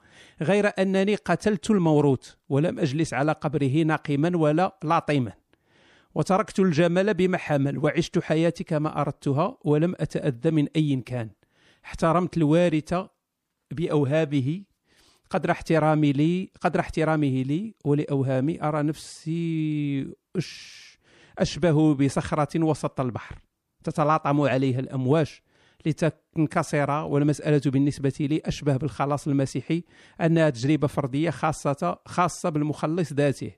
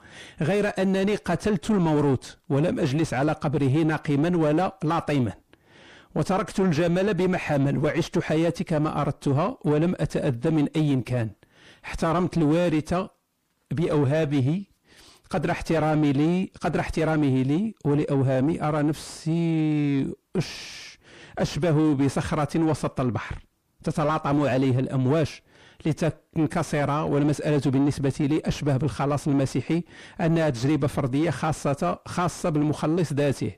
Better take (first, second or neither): first